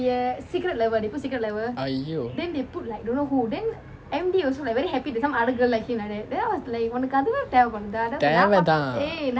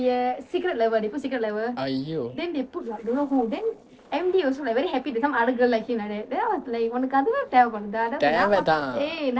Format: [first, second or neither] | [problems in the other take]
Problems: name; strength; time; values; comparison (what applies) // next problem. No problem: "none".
first | noise reduction (neural separator model SepFormer DNS4)